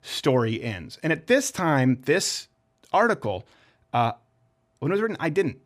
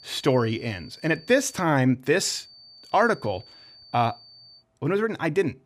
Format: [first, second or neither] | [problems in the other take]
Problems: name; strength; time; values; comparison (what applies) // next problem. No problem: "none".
first | high-pitched whine; faint; until 1.5 s and from 2.5 to 4.5 s; 4.5 kHz, 25 dB below the speech